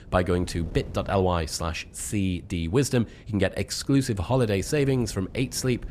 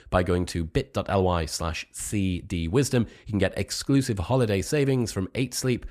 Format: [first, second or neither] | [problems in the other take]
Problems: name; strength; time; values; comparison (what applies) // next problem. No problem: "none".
second | wind noise on the microphone; occasional gusts; 25 dB below the speech